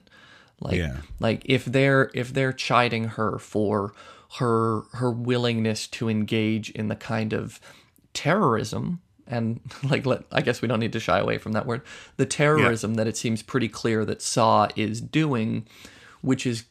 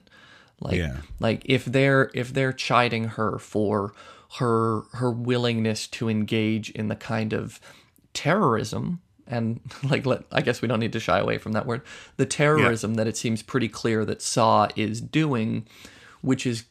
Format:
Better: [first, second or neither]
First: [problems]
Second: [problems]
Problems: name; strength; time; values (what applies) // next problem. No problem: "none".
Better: neither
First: none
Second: none